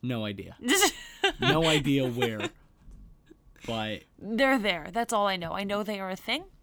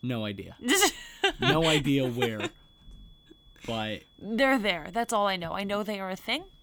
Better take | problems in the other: first | high-pitched whine; faint; throughout; 3.5 kHz, 35 dB below the speech

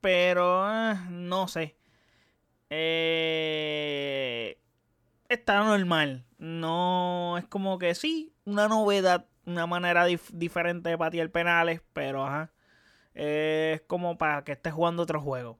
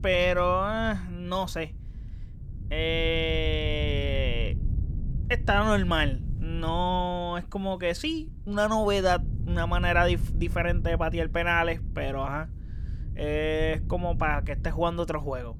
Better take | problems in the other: first | wind noise on the microphone; occasional gusts; 20 dB below the speech

